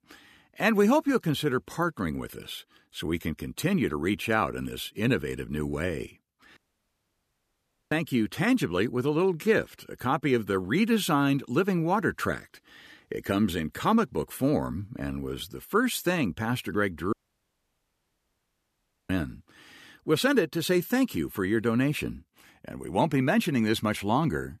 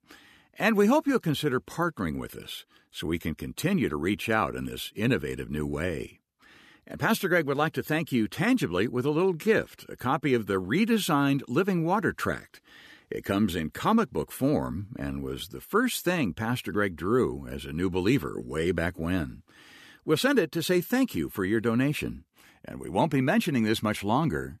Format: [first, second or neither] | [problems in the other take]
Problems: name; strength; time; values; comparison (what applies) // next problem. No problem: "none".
second | audio cutting out; at 6.5 s for 1.5 s and at 17 s for 2 s